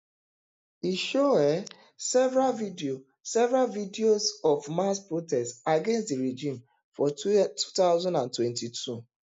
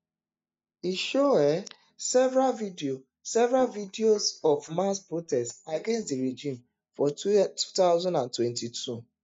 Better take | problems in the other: first | noise reduction (neural mask model DeepFilterNet 3)

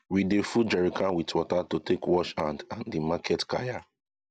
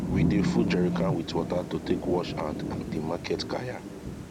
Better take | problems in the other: first | background sound (Telephone + Thunder / Rain); as loud as the speech

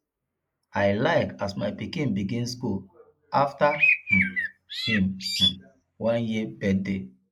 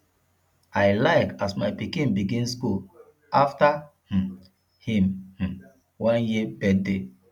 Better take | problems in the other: second | noise reduction (neural mask model Resemble Enhance denoiser)

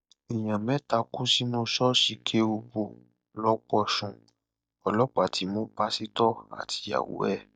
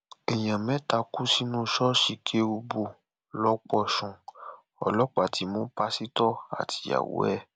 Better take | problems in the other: second | noise reduction (neural mask model DeepFilterNet 3)

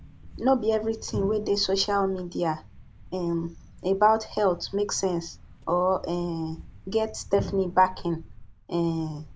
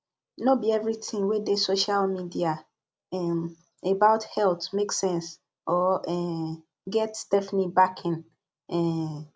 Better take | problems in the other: second | background sound (Thump, thud); 15 dB below the speech

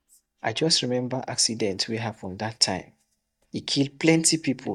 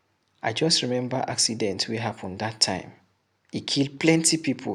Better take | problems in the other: second | noise reduction (neural mask model DeepFilterNet 3)

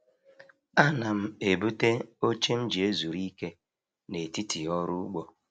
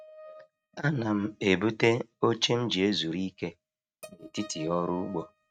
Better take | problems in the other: first | noise reduction (neural mask model RNNoise)

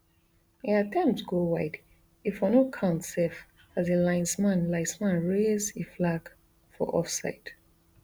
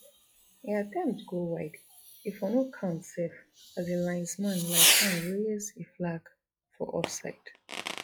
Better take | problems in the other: first | noise reduction (classical method log-MMSE)

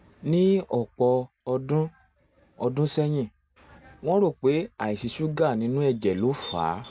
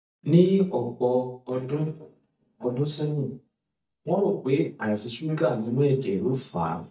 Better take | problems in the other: first | noise reduction (neural mask model DeepFilterNet 3)

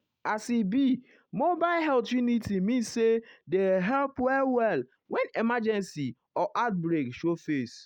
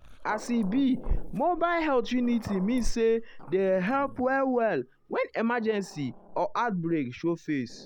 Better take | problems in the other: first | background sound (Growling); 9 dB below the speech

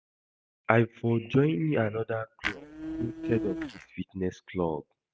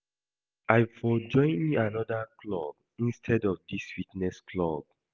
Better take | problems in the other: second | noise reduction (neural mask model RNNoise)

